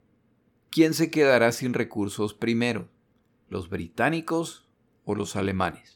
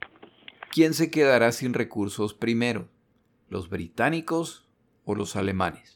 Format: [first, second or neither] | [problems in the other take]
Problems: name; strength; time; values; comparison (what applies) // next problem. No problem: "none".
first | phone ringing; faint; at the start; peak 15 dB below the speech